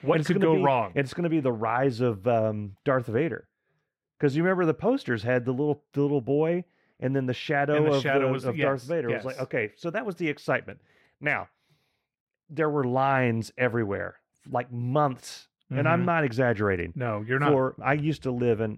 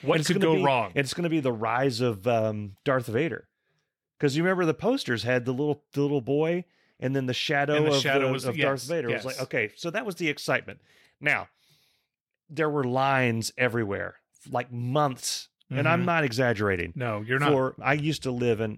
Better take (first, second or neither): second